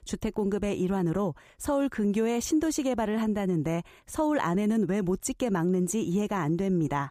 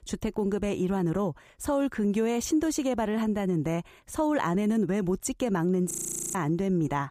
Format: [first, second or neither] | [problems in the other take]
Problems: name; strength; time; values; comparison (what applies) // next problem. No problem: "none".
first | audio freezing; at 6 s